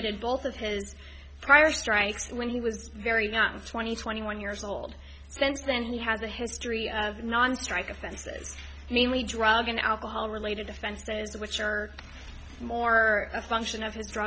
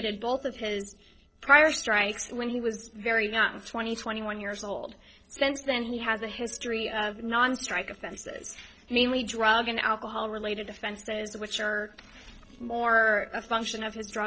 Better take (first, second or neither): first